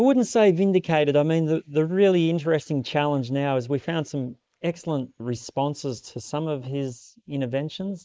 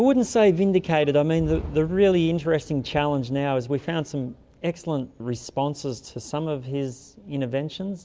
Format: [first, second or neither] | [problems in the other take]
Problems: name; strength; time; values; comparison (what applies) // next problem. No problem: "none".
second | noise reduction (neural mask model Resemble Enhance denoiser)